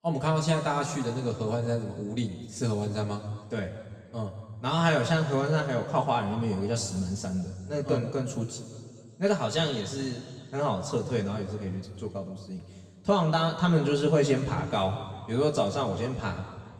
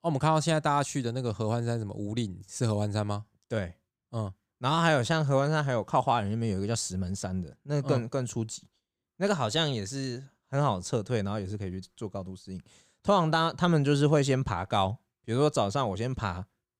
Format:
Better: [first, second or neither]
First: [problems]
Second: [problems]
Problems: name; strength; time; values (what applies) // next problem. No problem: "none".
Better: second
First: room echo; noticeable; dies away in 1.8 s // off-mic speech; far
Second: none